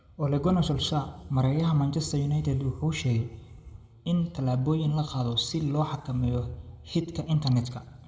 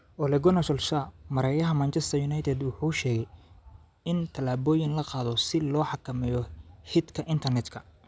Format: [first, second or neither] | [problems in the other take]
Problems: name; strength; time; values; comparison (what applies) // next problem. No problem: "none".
second | room echo; dies away in 1 s